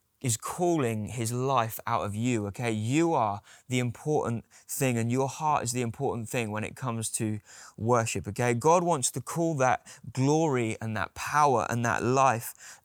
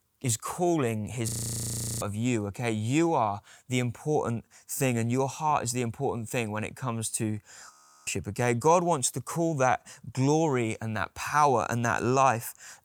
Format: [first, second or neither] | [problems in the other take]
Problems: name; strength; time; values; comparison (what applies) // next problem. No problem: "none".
first | audio freezing; at 1.5 s for 0.5 s and at 7.5 s